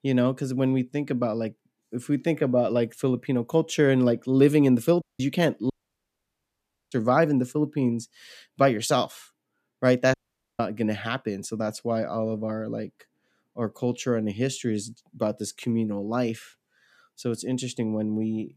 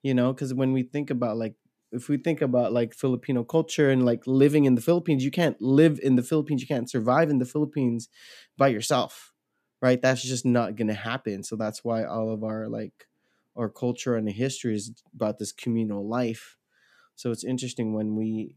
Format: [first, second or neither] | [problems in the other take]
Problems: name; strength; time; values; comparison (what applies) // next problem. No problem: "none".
second | audio cutting out; at 5 s, at 5.5 s for 1 s and at 10 s